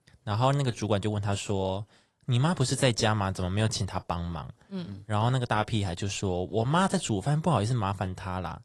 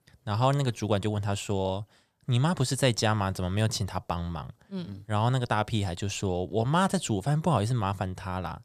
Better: second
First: garbled, watery; slightly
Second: none

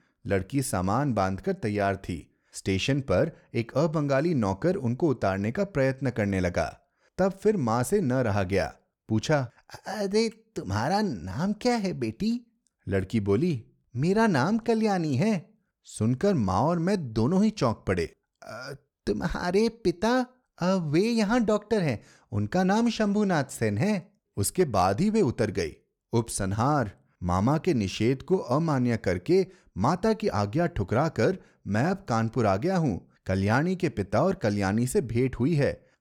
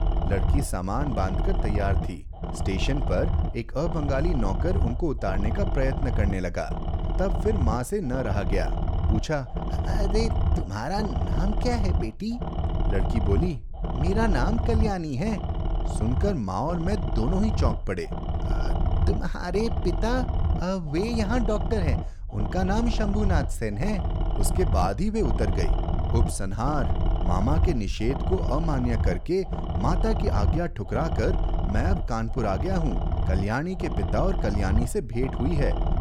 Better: first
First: none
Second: low rumble; loud; throughout; 6 dB below the speech

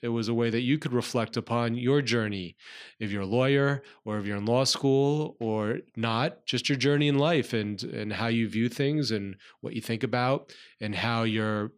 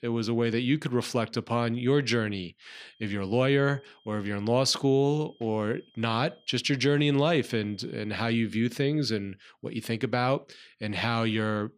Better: first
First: none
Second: high-pitched whine; faint; from 2.5 to 8 s; 3 kHz, 35 dB below the speech

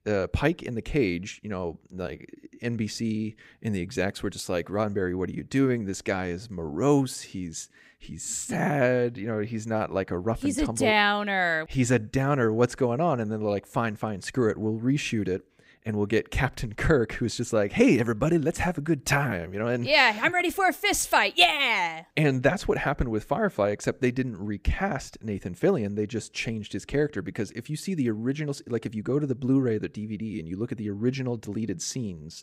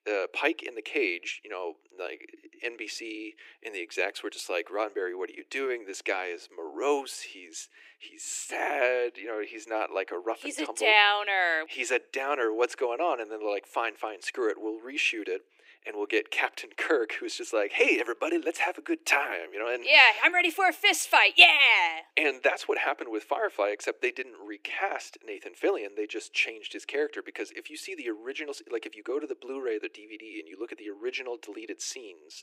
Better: first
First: none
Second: thin; very; fading below 300 Hz

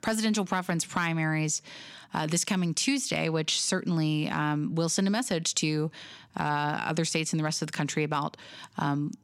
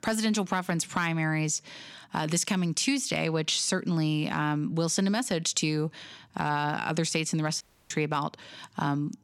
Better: first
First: none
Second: audio cutting out; at 7.5 s

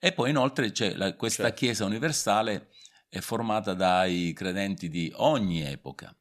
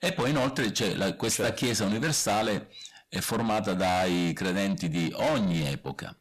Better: first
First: none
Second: distortion; heavy; 6 dB below the speech

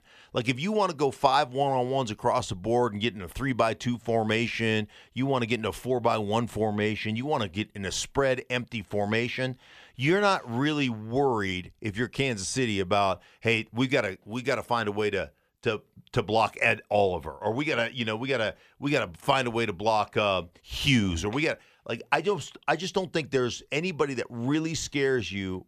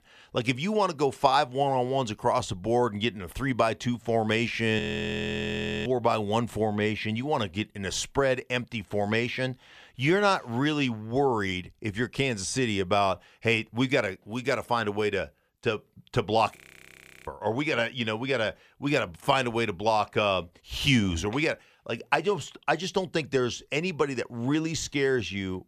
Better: first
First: none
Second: audio freezing; at 5 s for 1 s and at 17 s for 0.5 s

